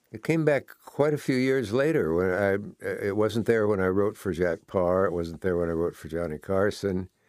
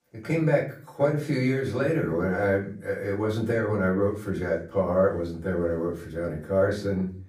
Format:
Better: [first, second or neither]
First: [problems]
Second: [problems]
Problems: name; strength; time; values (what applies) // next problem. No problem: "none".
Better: first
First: none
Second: room echo; slight; dies away in 0.4 s // off-mic speech; far